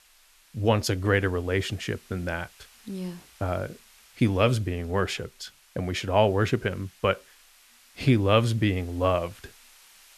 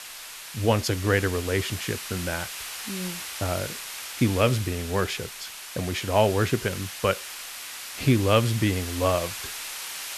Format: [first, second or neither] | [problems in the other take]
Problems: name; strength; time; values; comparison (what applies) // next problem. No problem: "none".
first | hiss; loud; throughout; 9 dB below the speech; faint in the first